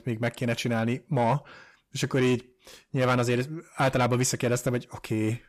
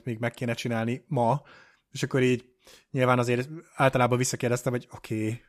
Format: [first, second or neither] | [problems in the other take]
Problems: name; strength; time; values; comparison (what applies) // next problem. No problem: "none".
second | distortion; slight; 10 dB below the speech